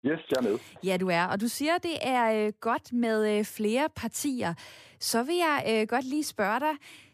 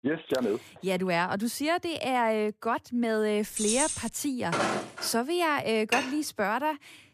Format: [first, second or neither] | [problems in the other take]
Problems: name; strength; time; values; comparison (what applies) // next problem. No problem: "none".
first | jangling keys; loud; at 3.5 s; peak 1 dB above the speech // footsteps; loud; at 4.5 s; peak level with the speech // clattering dishes; noticeable; at 6 s; peak 1 dB below the speech